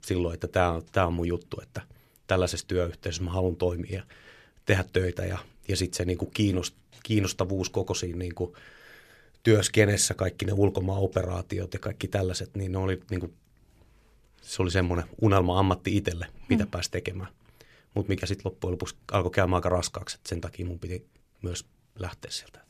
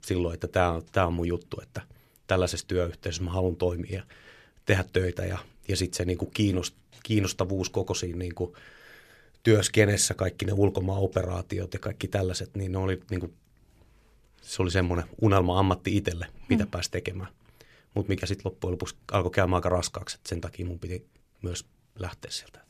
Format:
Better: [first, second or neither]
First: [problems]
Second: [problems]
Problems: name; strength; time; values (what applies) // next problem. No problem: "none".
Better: neither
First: none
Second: none